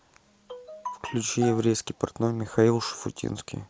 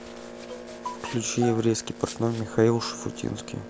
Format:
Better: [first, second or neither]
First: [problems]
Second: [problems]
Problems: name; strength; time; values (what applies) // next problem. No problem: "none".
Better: first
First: none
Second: background sound (Domestic sounds, home sounds + Boat, Water vehicle); 13 dB below the speech